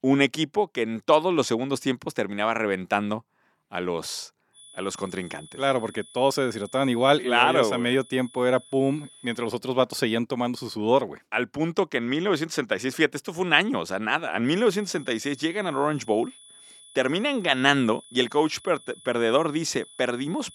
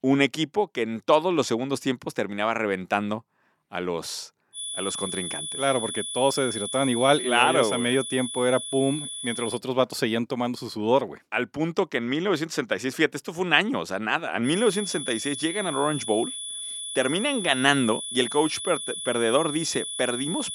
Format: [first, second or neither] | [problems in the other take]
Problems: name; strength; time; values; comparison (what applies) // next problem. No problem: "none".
first | high-pitched whine; loud; from 4.5 to 9.5 s and from 14 s on; 3.5 kHz, 6 dB below the speech; faint in the first